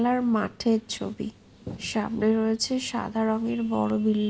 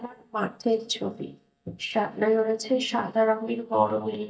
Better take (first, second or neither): first